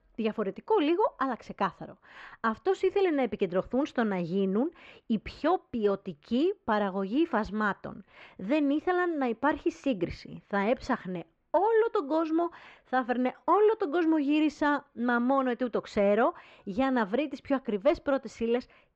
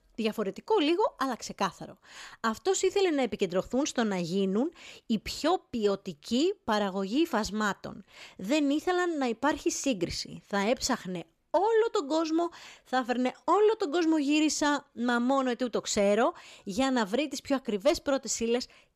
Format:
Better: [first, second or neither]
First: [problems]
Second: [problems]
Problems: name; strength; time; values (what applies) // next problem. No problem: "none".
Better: second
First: muffled; very; fading above 2 kHz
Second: none